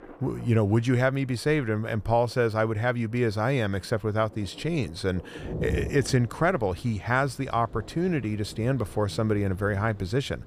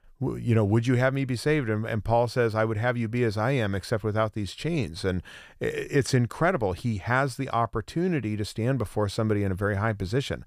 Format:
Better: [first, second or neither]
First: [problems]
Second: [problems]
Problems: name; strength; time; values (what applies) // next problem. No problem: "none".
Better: second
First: rain or running water; noticeable; throughout; 15 dB below the speech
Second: none